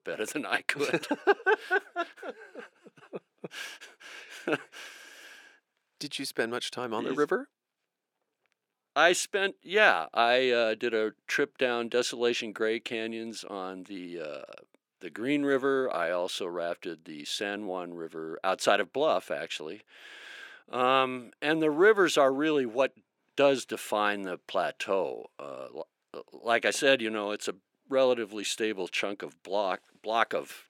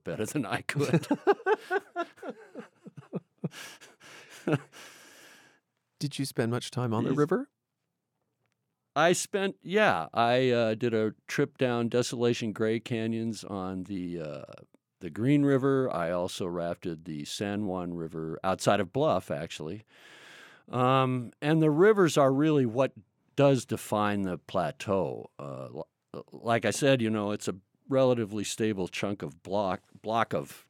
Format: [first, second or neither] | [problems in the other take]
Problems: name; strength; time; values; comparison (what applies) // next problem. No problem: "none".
second | thin; somewhat; fading below 400 Hz